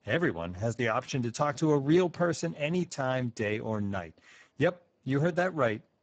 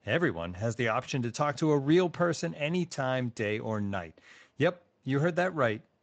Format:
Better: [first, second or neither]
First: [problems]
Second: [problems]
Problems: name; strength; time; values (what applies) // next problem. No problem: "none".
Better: second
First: garbled, watery; badly; nothing above 7.5 kHz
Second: garbled, watery; slightly; nothing above 7.5 kHz